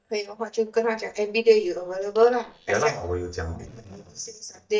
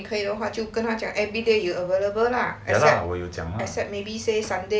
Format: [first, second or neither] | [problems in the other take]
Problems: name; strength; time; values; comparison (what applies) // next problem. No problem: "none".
second | noise reduction (neural mask model DeepFilterNet 3)